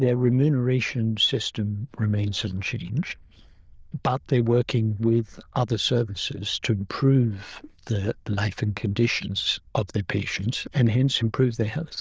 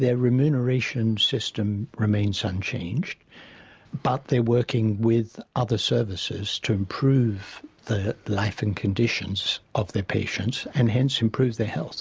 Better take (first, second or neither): second